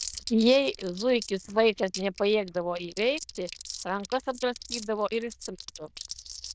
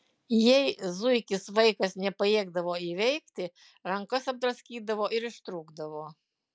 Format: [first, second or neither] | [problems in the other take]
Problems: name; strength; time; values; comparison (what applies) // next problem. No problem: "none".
second | noise reduction (neural diffusion model UNIVERSE++)